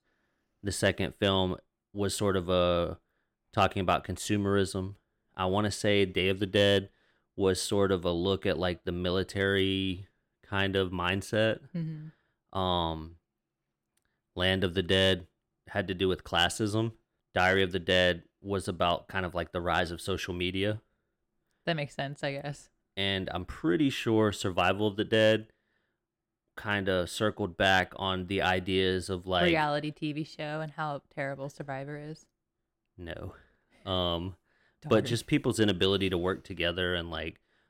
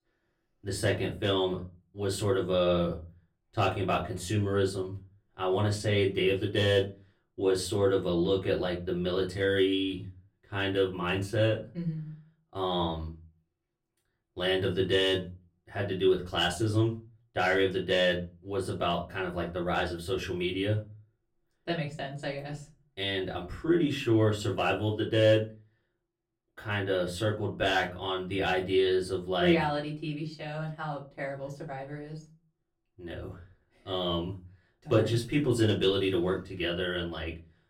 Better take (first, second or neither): first